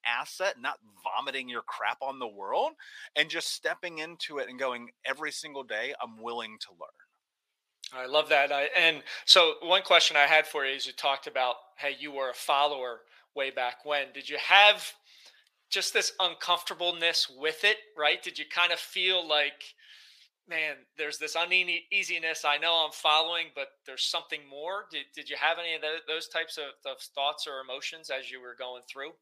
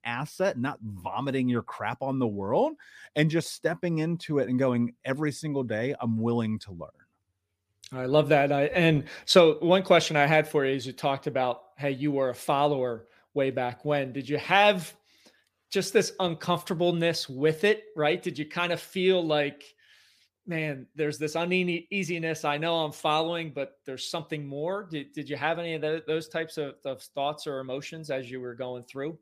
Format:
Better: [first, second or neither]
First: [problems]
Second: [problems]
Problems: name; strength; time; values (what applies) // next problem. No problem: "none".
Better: second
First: thin; very; fading below 850 Hz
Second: none